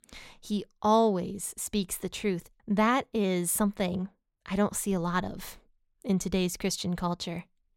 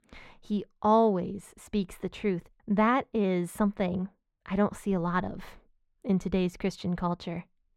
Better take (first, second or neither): first